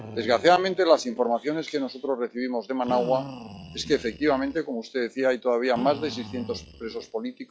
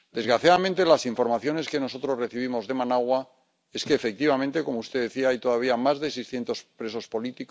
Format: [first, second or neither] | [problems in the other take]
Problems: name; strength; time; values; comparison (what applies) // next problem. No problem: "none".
second | noise reduction (classical method log-MMSE)